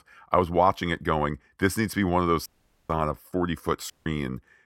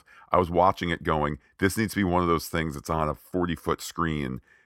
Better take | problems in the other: second | audio cutting out; at 2.5 s and at 4 s

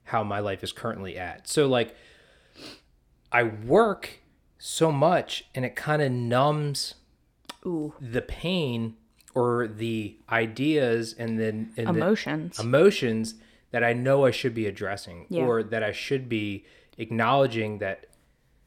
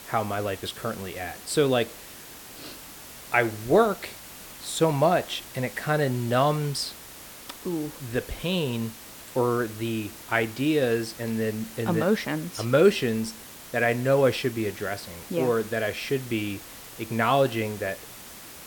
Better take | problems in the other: first | hiss; noticeable; throughout; 15 dB below the speech

